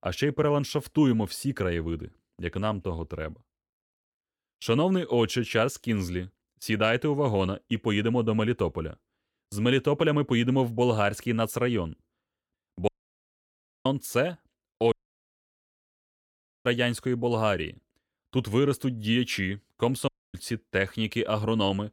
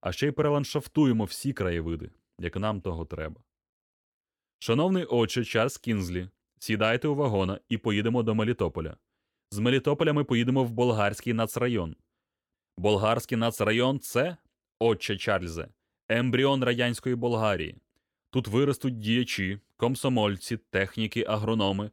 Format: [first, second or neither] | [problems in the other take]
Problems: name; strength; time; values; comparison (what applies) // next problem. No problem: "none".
second | audio cutting out; at 13 s for 1 s, at 15 s for 1.5 s and at 20 s